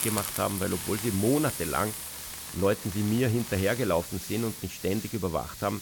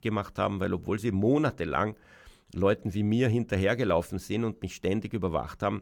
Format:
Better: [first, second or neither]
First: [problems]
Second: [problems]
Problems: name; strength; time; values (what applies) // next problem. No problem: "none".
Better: second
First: hiss; loud; throughout; 6 dB below the speech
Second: none